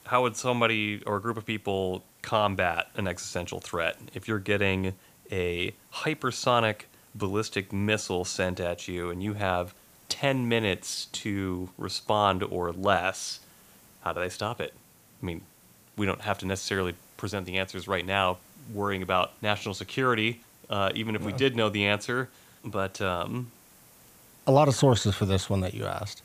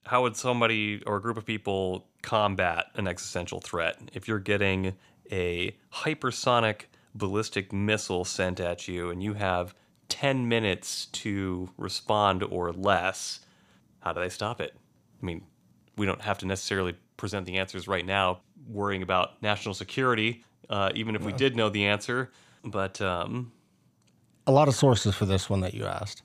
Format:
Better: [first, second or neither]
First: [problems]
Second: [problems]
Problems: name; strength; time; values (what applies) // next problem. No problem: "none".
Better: second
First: hiss; faint; throughout; 25 dB below the speech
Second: none